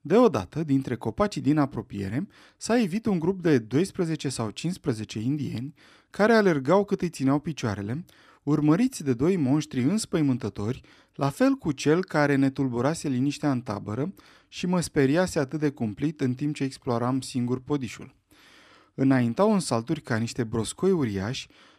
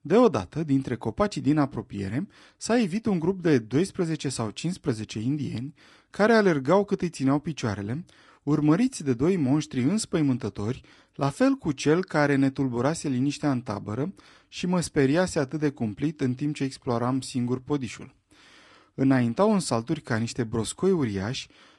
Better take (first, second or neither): first